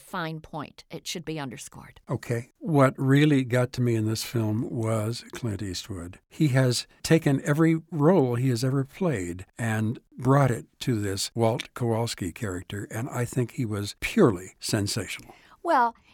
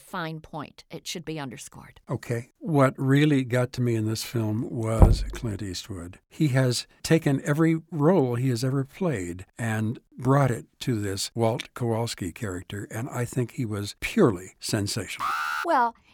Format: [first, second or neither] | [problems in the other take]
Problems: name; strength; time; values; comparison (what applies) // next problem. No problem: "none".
first | door banging; loud; at 5 s; peak 5 dB above the speech // alarm; noticeable; at 15 s; peak level with the speech